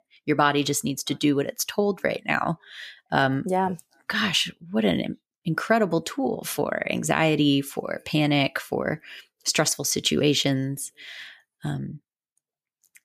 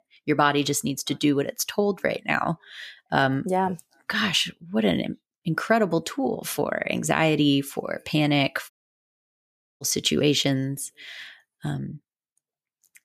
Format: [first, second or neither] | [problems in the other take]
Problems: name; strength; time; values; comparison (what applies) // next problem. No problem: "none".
first | audio cutting out; at 8.5 s for 1 s